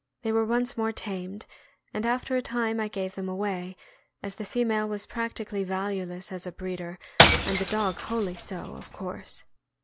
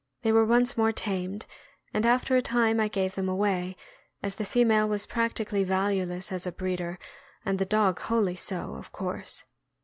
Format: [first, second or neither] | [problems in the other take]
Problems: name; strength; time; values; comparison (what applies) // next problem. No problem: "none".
second | background sound (Shatter / Crushing); 4 dB above the speech